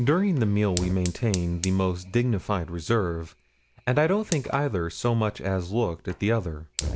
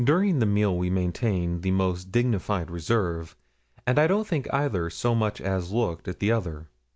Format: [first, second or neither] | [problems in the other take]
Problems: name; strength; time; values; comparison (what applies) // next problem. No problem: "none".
second | background sound (Fire); 14 dB below the speech